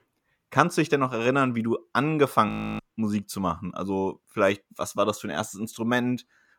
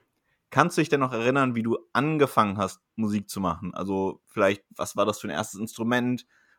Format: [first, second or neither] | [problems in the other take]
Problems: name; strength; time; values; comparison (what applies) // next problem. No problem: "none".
second | audio freezing; at 2.5 s